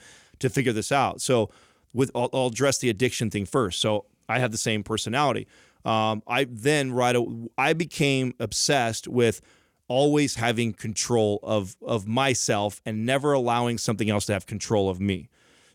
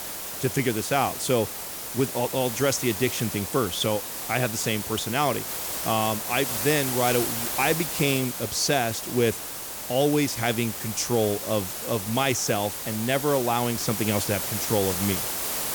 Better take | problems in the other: first | hiss; loud; throughout; 4 dB below the speech

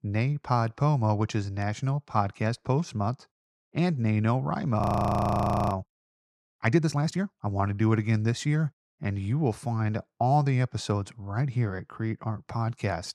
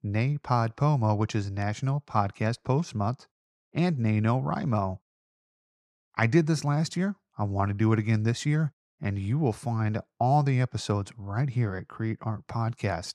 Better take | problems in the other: second | audio freezing; at 5 s for 1 s

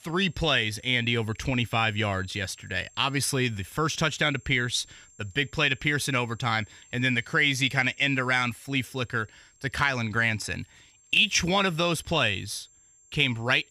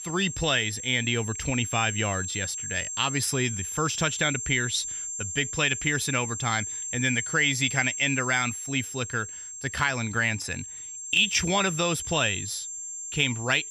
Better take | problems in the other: first | high-pitched whine; loud; throughout; 7.5 kHz, 6 dB below the speech; faint in the first

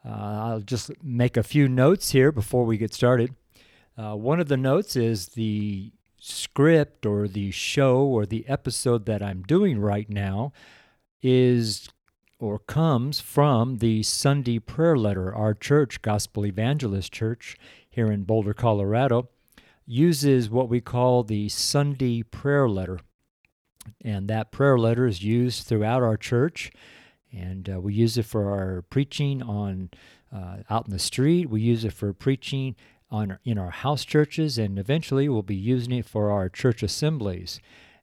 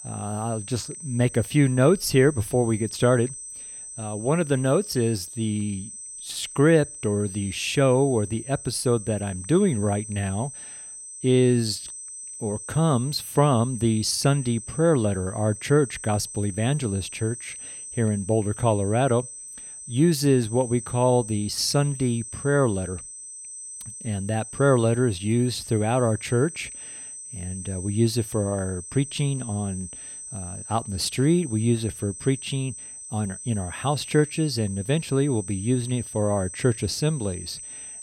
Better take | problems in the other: first | high-pitched whine; noticeable; throughout; 8 kHz, 10 dB below the speech

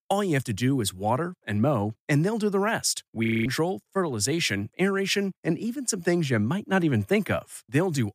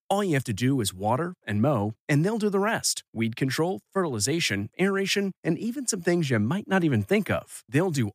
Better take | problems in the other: second | audio freezing; at 3.5 s

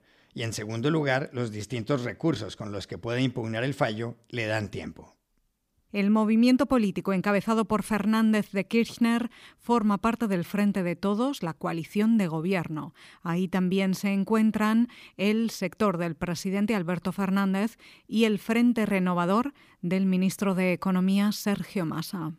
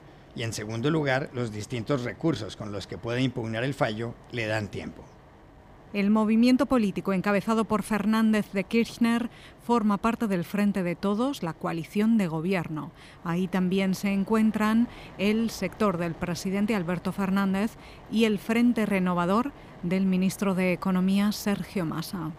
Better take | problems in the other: first | wind noise on the microphone; occasional gusts; 20 dB below the speech

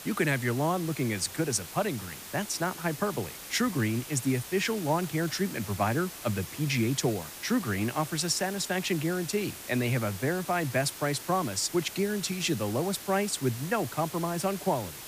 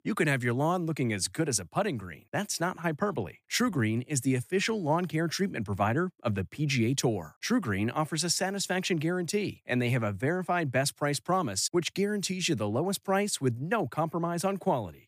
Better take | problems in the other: second | hiss; noticeable; throughout; 10 dB below the speech

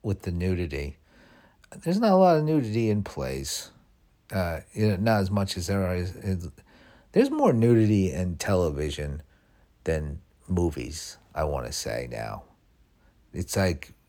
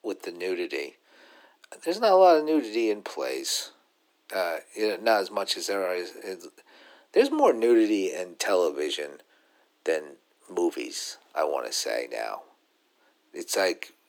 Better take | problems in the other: first | thin; very; fading below 300 Hz

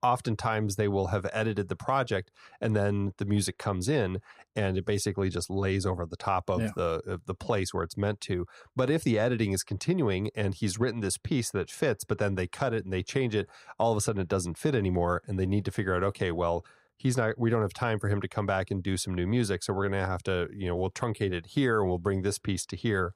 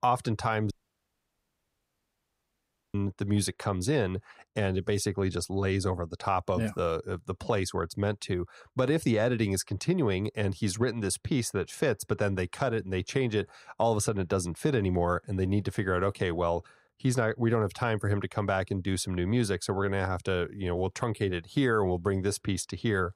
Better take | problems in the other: first | audio cutting out; at 0.5 s for 2 s

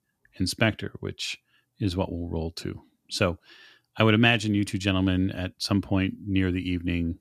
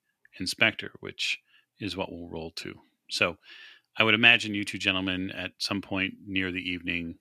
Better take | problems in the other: first | thin; very slightly; fading below 300 Hz

